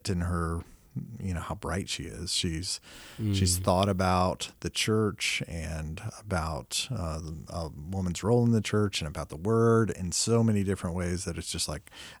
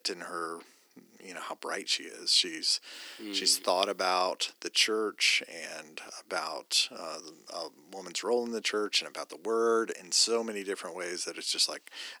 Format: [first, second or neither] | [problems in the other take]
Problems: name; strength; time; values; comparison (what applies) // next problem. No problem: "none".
first | thin; very; fading below 300 Hz